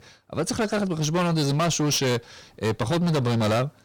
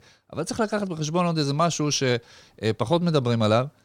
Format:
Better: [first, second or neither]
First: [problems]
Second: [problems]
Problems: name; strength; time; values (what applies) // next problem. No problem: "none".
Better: second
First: distortion; heavy; 21% of the sound clipped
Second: none